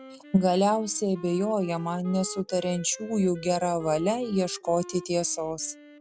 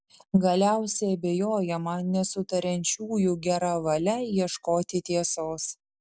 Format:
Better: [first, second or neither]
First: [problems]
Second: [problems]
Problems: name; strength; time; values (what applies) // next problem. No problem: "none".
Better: second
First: background sound (Wind instrument, woodwind instrument); 19 dB below the speech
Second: none